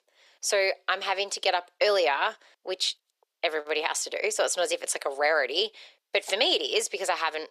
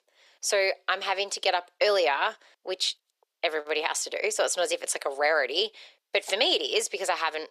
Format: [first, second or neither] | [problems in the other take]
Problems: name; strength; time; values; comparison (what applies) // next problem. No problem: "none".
neither | thin; very; fading below 400 Hz; the same in both